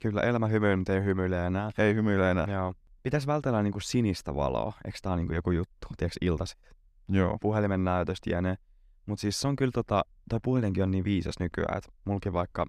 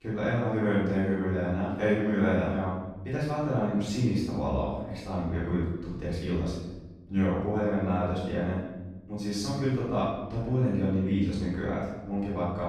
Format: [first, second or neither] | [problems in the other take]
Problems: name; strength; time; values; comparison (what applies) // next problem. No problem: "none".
first | off-mic speech; far // room echo; strong; dies away in 1 s